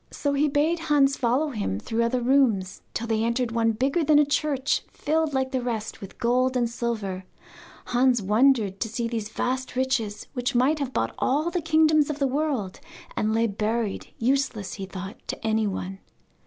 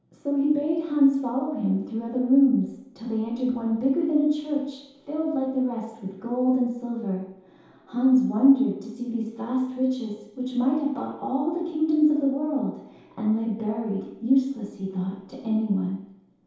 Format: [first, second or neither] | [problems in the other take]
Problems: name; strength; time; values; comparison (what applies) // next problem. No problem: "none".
first | room echo; dies away in 0.8 s